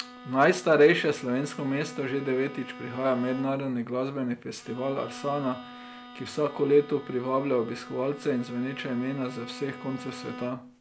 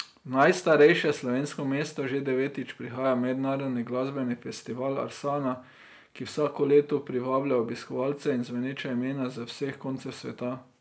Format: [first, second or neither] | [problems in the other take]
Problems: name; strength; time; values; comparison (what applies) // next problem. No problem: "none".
second | background sound (Bowed string instrument); 16 dB below the speech